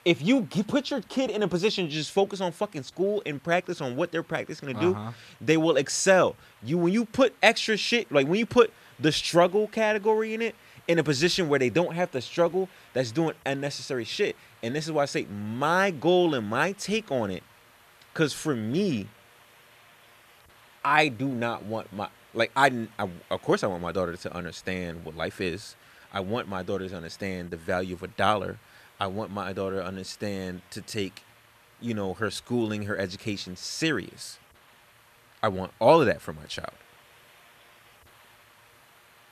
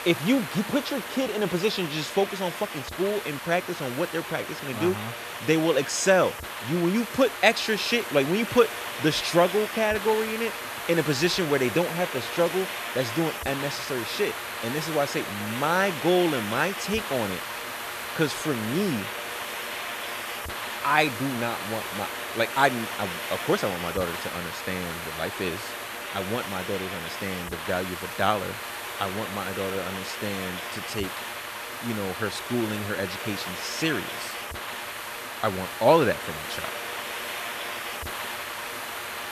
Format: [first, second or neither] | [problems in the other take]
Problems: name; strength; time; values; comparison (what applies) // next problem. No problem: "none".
first | hiss; loud; throughout; 6 dB below the speech; faint in the first